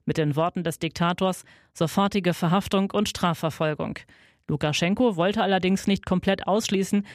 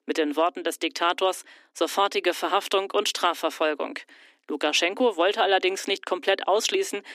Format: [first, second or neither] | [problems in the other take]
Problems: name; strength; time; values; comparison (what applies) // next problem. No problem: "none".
first | thin; very; fading below 250 Hz